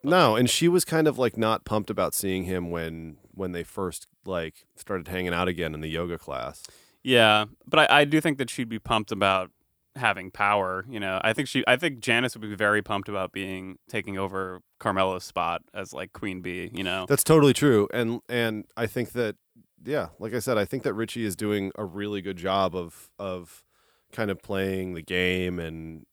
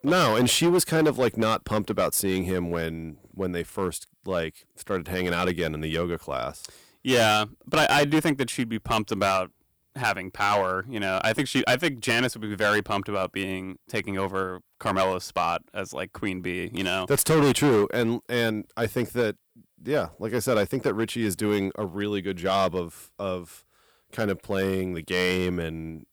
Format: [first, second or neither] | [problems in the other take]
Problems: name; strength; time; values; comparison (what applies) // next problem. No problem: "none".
first | distortion; heavy; 5% of the sound clipped